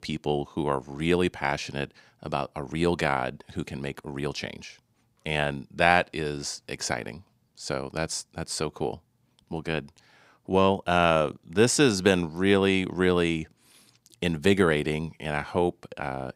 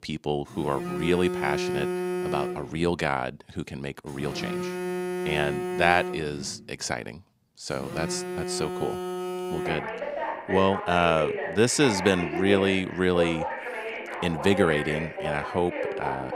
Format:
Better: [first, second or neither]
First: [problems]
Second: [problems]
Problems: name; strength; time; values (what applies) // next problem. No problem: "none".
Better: first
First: none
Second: alarms or sirens; loud; throughout; 4 dB below the speech